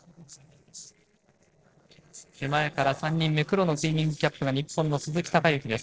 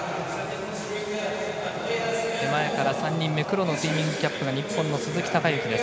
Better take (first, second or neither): second